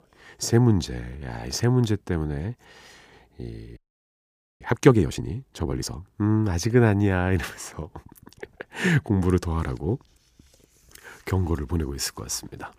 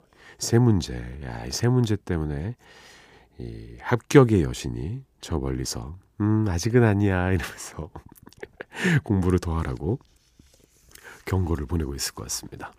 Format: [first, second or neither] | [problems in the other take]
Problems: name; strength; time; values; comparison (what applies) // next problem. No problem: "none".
second | audio freezing; at 4 s for 1 s